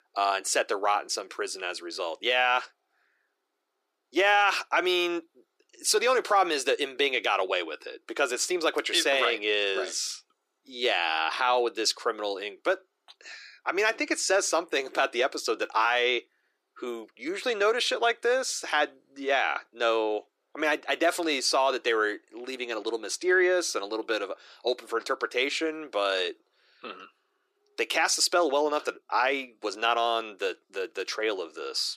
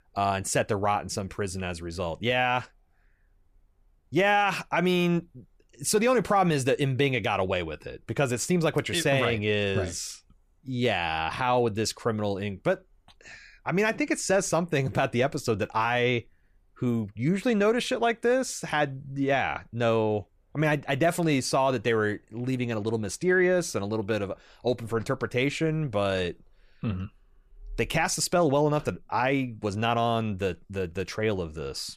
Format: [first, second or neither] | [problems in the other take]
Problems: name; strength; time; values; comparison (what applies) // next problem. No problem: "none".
second | thin; very; fading below 350 Hz